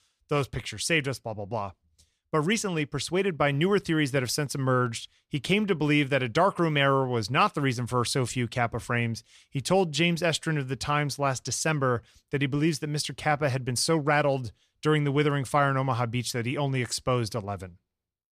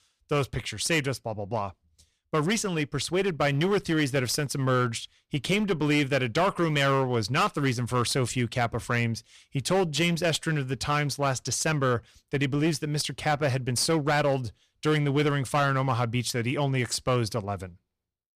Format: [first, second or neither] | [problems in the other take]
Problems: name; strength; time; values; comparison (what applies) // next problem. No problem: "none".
first | distortion; slight; 9% of the sound clipped